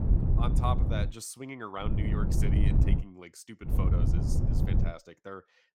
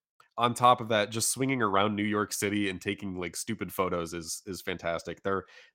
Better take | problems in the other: second | wind noise on the microphone; heavy; until 1 s, from 2 to 3 s and from 3.5 to 5 s; 1 dB below the speech

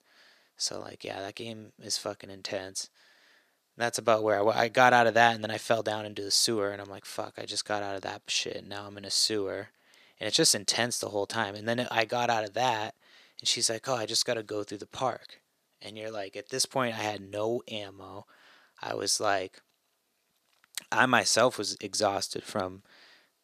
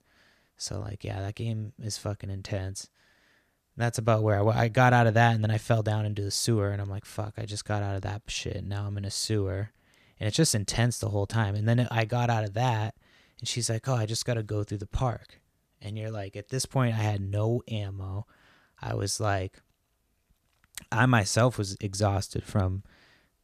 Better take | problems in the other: second | thin; somewhat; fading below 350 Hz

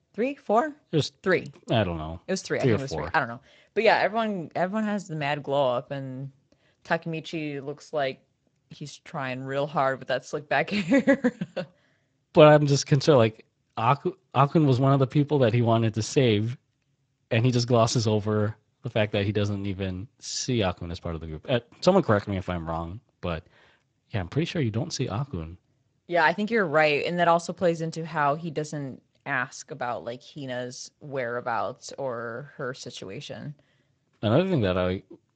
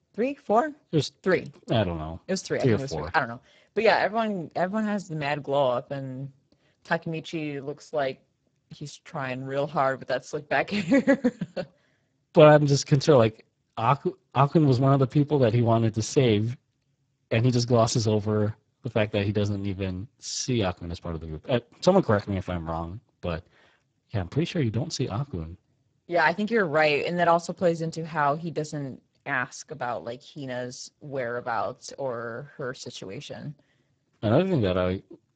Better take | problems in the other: first | garbled, watery; badly; nothing above 7.5 kHz; slightly in the first

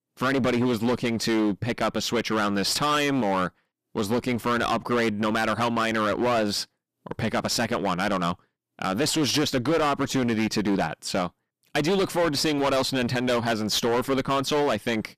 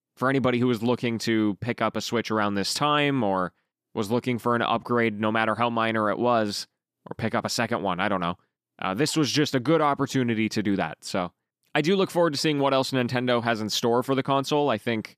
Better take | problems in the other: second | distortion; heavy; 18% of the sound clipped

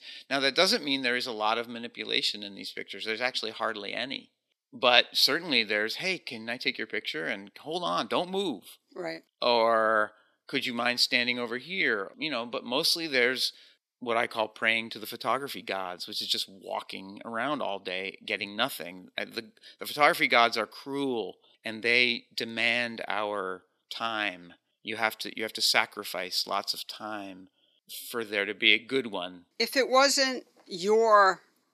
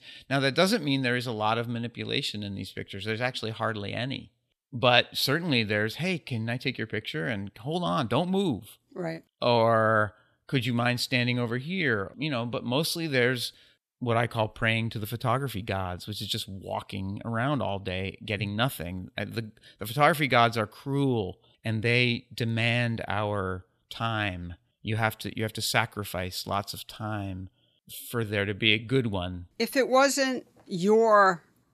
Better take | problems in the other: second | thin; somewhat; fading below 250 Hz

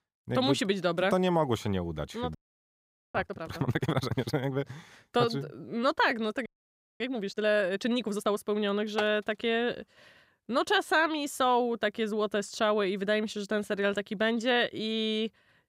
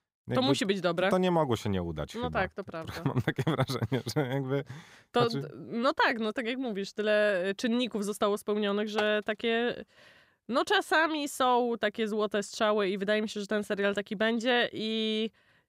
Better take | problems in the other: second | audio freezing; at 2.5 s for 1 s and at 6.5 s for 0.5 s

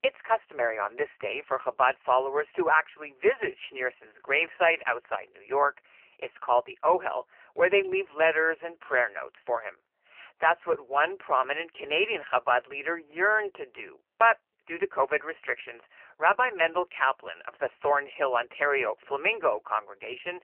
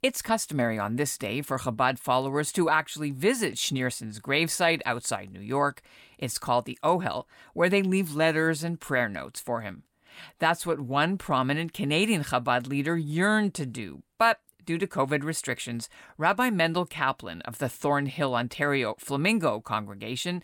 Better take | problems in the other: second | phone-call audio; poor line; nothing above 3 kHz

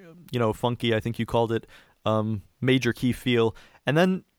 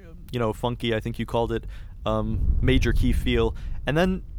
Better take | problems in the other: first | wind noise on the microphone; occasional gusts; 20 dB below the speech

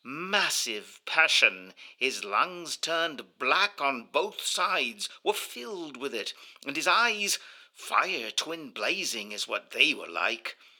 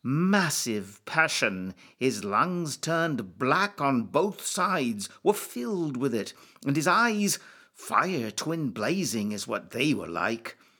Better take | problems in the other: second | thin; somewhat; fading below 500 Hz

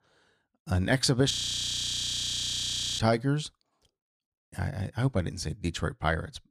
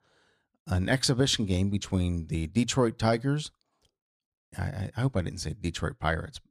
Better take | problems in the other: second | audio freezing; at 1.5 s for 1.5 s

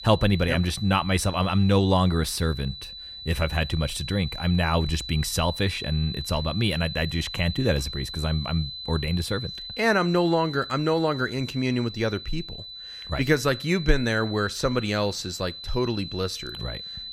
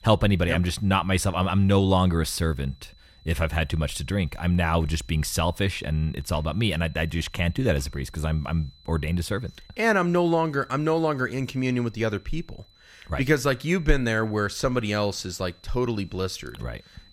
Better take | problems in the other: second | high-pitched whine; loud; throughout; 4 kHz, 10 dB below the speech; faint in the second

